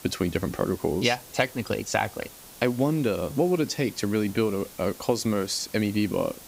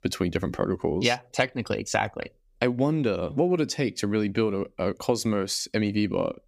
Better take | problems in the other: second | hiss; noticeable; throughout; 20 dB below the speech

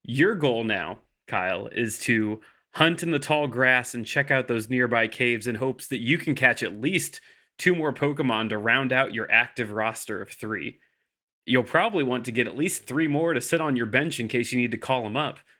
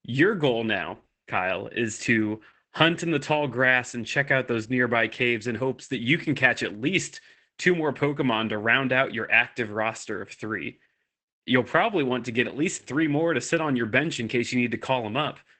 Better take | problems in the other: first | garbled, watery; badly; nothing above 8 kHz; slightly in the first

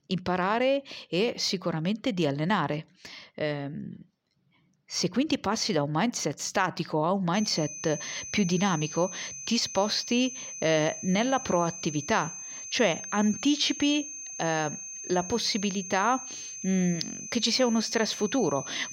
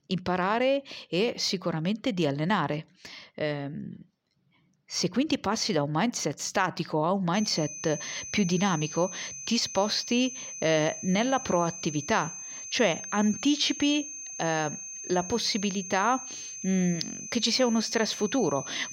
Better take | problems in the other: neither | high-pitched whine; loud; from 7.5 s on; 6.5 kHz, 9 dB below the speech; the same in both

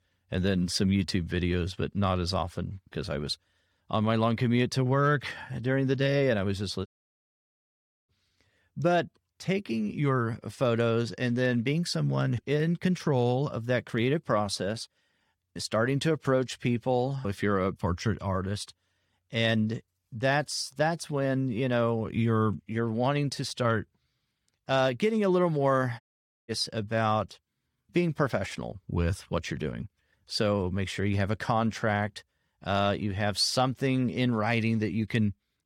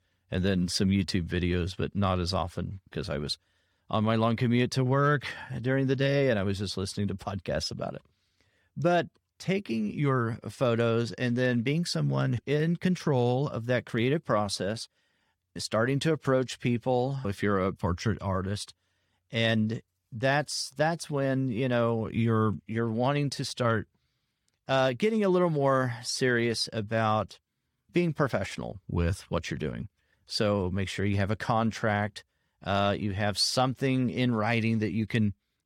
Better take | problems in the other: second | audio cutting out; at 7 s for 1 s and at 26 s

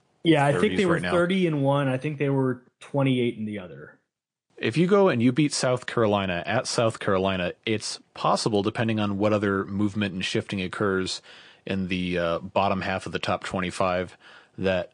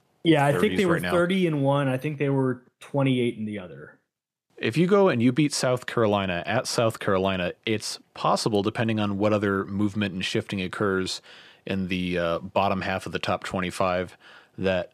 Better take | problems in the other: second | garbled, watery; slightly; nothing above 9 kHz

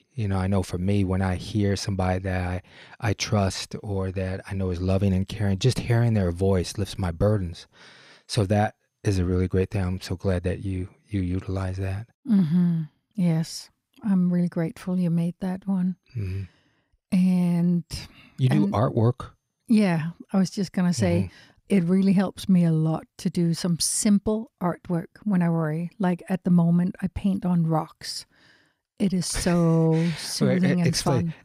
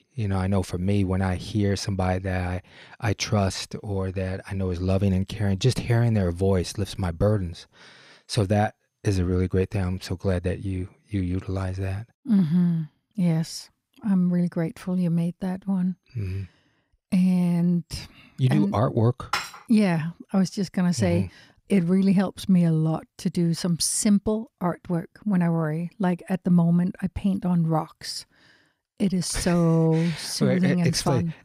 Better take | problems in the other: first | clattering dishes; noticeable; at 19 s; peak 5 dB below the speech

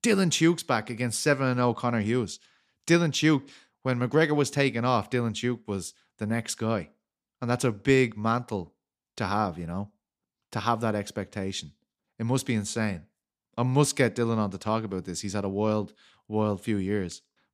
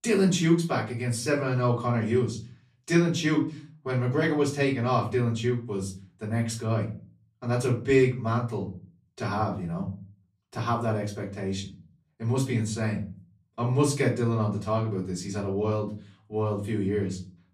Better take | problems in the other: first | room echo; slight; dies away in 0.4 s // off-mic speech; far

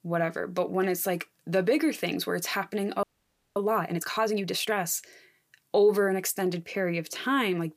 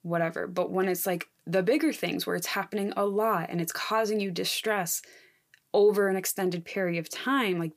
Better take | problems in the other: second | audio freezing; at 3 s for 0.5 s

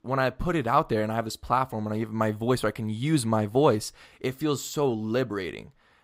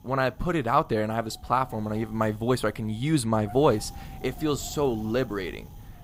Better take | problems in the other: first | wind noise on the microphone; occasional gusts; 20 dB below the speech

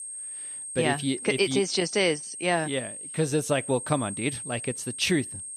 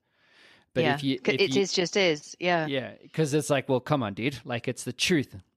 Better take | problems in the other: second | high-pitched whine; loud; throughout; 8.5 kHz, 8 dB below the speech

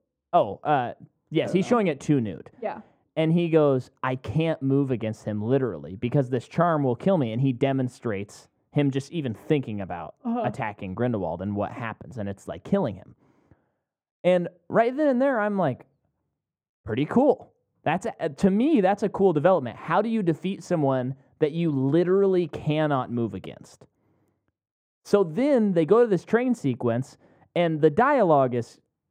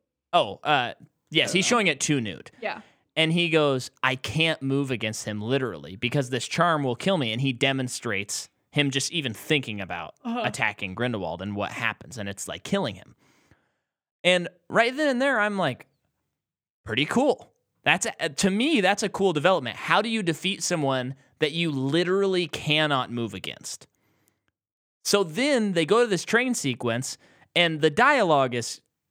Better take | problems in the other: second | muffled; very; fading above 1.5 kHz

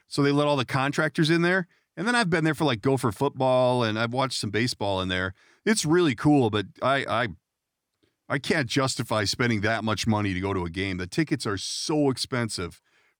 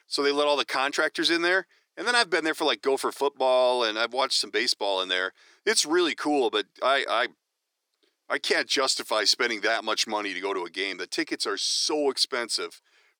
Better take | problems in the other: first | thin; somewhat; fading below 400 Hz

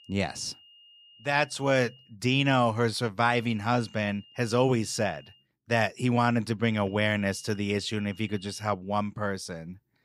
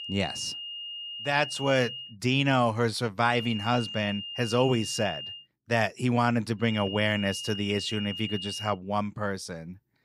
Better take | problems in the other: first | high-pitched whine; loud; until 2 s, from 3.5 to 5.5 s and from 6.5 to 8.5 s; 3 kHz, 8 dB below the speech; faint in the first

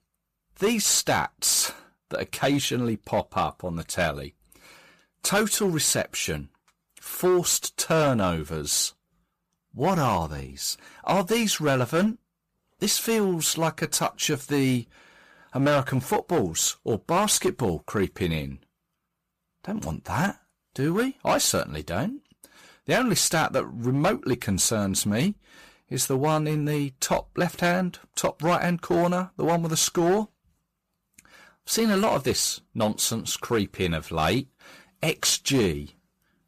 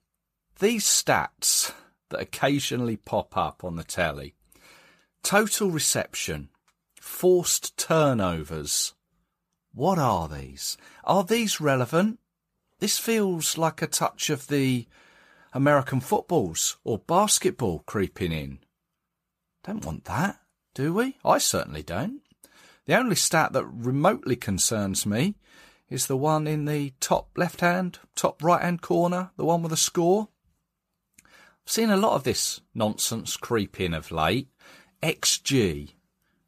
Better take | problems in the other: second | distortion; slight; 6% of the sound clipped

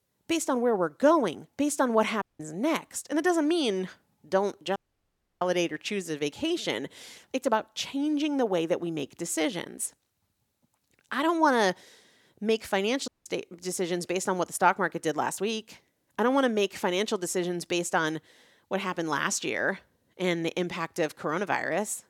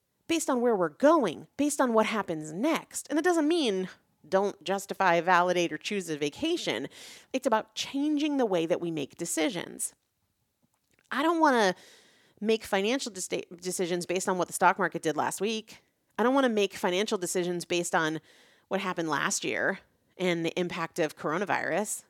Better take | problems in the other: second | audio cutting out; at 2 s, at 5 s for 0.5 s and at 13 s

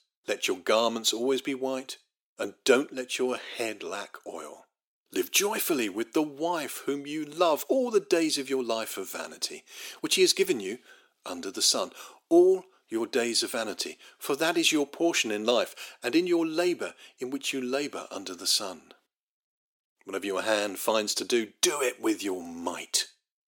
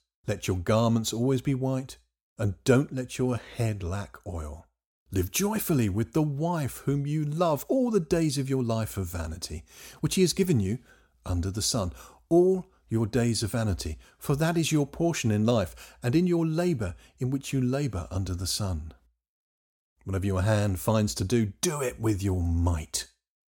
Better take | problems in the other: second | thin; somewhat; fading below 350 Hz

